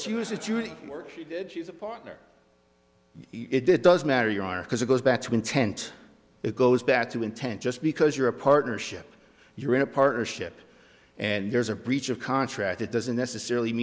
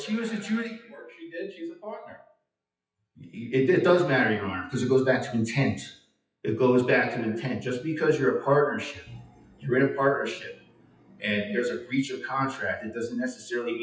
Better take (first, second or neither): first